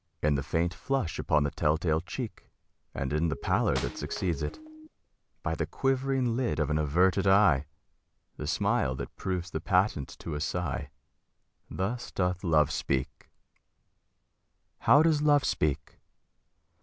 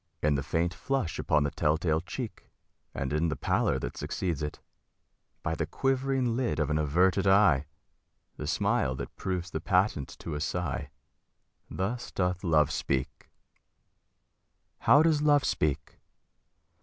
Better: second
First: background sound (Wood + Siren); 14 dB below the speech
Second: none

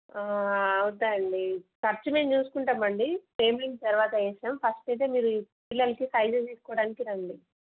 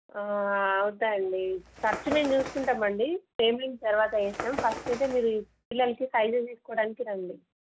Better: first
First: none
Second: background sound (Bird); 12 dB below the speech

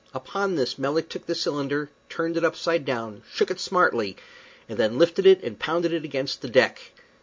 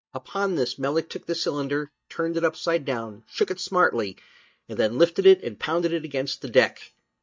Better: first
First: none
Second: noise reduction (neural mask model DeepFilterNet 3)

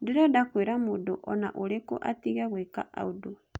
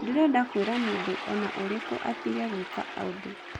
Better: first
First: none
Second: background sound (Toilet flush); 9 dB below the speech

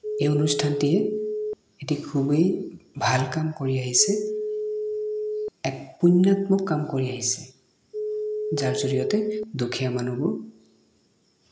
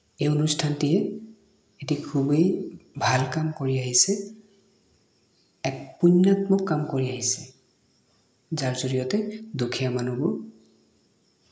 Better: second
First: background sound (Telephone); 7 dB below the speech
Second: none

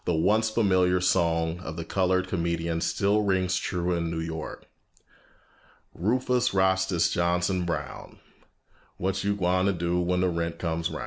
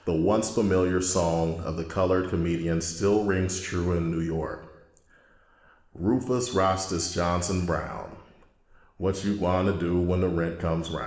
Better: first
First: none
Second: room echo; dies away in 1 s

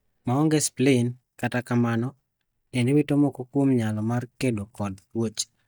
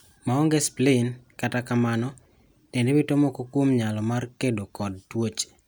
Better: second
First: noise reduction (neural mask model DeepFilterNet 3)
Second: none

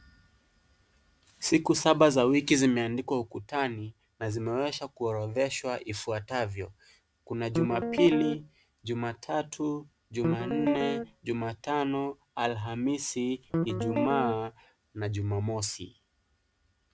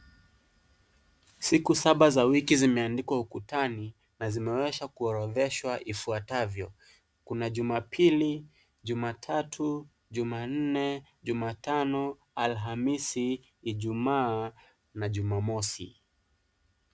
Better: second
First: background sound (Guitar); 2 dB below the speech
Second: none

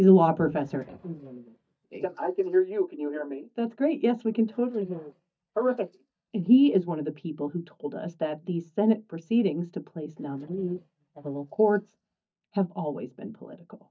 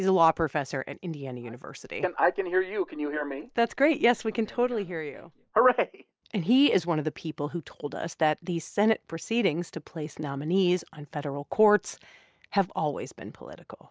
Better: second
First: noise reduction (neural mask model DeepFilterNet 3)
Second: none

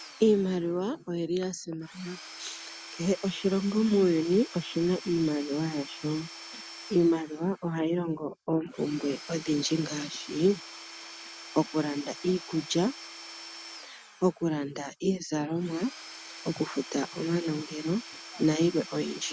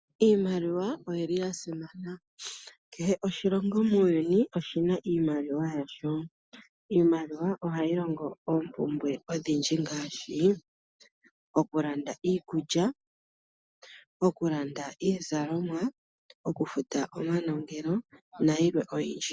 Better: second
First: background sound (Tools / Domestic sounds, home sounds); 16 dB below the speech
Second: none

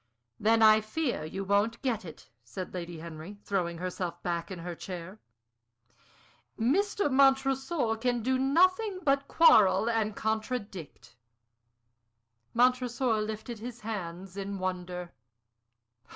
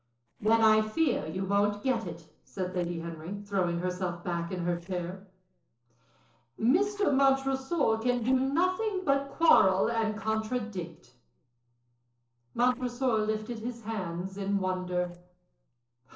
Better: first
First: none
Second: noise reduction (neural separator model SepFormer DNS4)

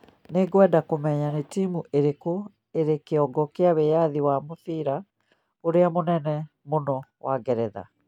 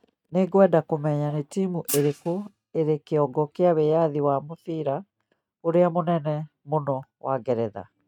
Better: first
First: none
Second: noise reduction (neural mask model RNNoise)

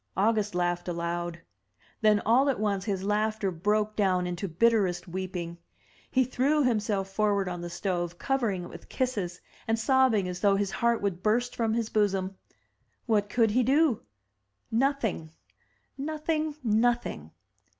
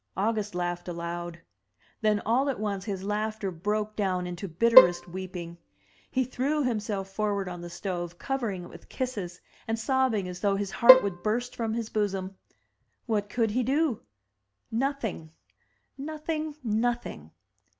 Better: first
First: none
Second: background sound (Bowed string instrument); 5 dB above the speech

